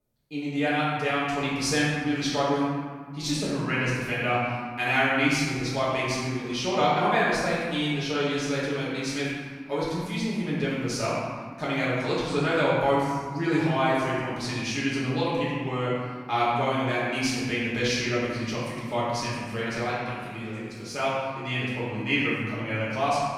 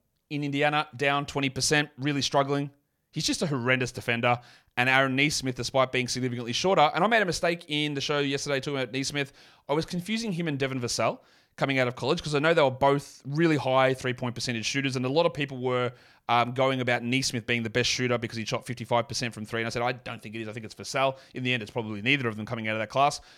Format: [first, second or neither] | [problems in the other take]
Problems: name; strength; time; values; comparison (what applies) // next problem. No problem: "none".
second | room echo; strong; dies away in 1.5 s // off-mic speech; far